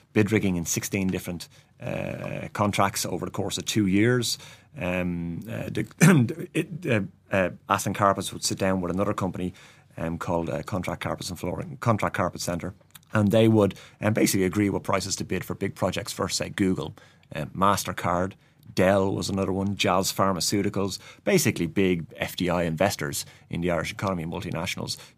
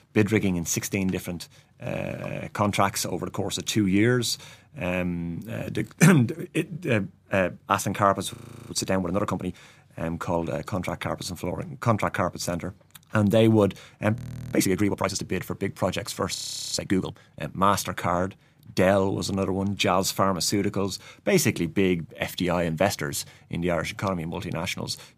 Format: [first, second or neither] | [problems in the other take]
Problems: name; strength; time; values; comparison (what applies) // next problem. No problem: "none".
first | audio freezing; at 8.5 s, at 14 s and at 16 s